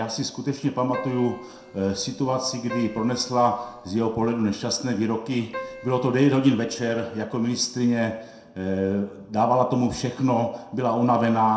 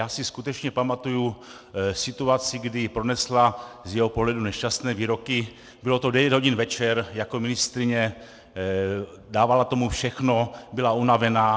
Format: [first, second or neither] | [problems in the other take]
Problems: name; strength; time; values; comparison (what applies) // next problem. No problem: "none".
second | background sound (Keyboard (musical)); 16 dB below the speech // room echo; dies away in 0.6 s